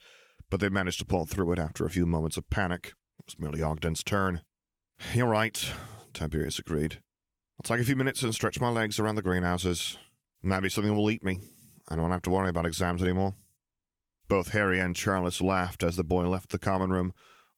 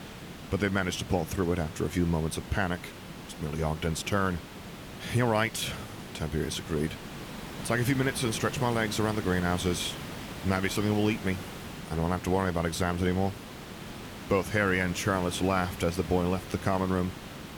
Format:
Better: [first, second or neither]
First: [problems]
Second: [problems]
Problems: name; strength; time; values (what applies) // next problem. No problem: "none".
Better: first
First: none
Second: hiss; noticeable; throughout; 10 dB below the speech